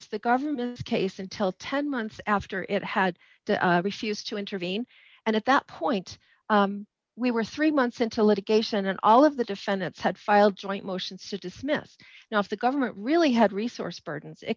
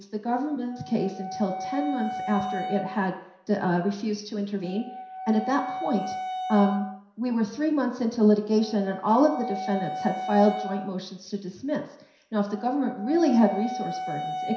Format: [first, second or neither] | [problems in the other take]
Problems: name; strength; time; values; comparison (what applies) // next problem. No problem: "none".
first | background sound (Wind instrument, woodwind instrument); 9 dB below the speech // room echo; dies away in 0.7 s